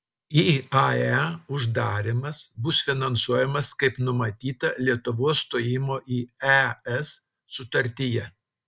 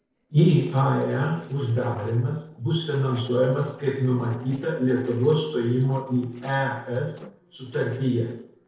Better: first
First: none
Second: noise reduction (neural separator model SepFormer DNS4)

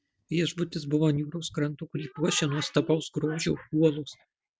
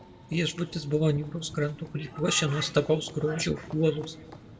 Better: first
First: none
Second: background sound (Run / Train); 19 dB below the speech // room echo; dies away in 0.8 s

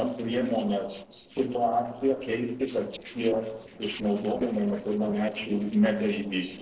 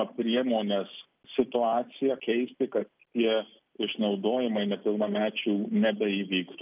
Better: second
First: noise reduction (neural separator model SepFormer DNS4)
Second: none

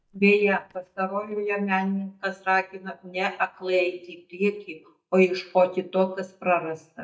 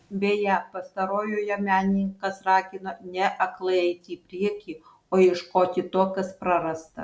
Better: second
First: noise reduction (neural mask model DeepFilterNet 3)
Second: none

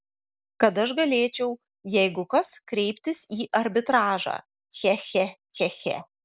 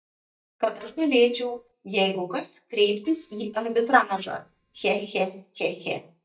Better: first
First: none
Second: noise reduction (neural mask model DeepFilterNet 3)

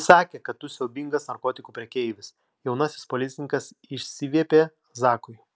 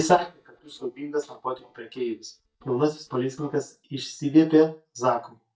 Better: first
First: none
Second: noise reduction (neural mask model DeepFilterNet 3)

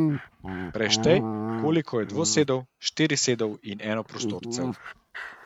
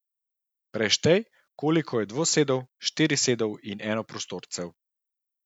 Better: second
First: noise reduction (neural mask model RNNoise)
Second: none

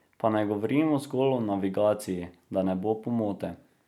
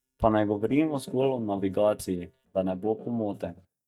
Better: first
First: none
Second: noise reduction (neural mask model DeepFilterNet 3)

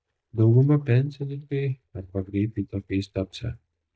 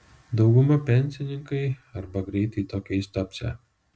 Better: second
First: noise reduction (neural mask model DeepFilterNet 3)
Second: none

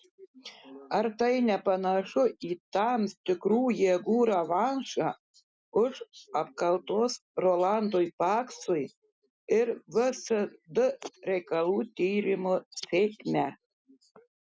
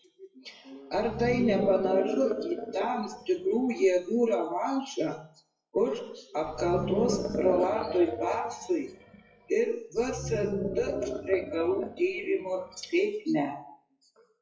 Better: first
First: none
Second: noise reduction (classical method WPE with log-MMSE)

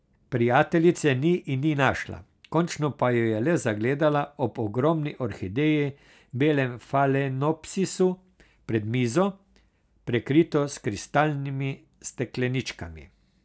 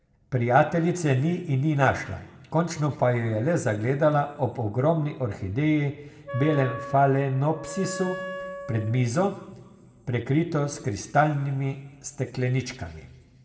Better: first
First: none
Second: background sound (Wind instrument, woodwind instrument); 11 dB below the speech // room echo; dies away in 1.2 s

